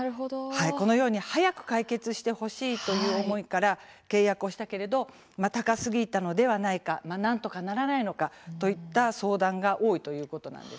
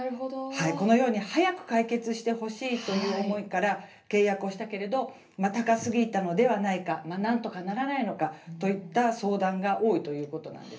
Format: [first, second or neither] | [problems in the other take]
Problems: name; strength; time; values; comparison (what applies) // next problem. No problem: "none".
first | room echo; dies away in 0.3 s